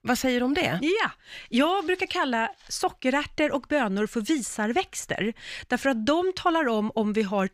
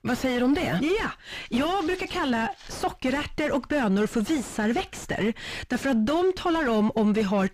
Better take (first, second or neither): first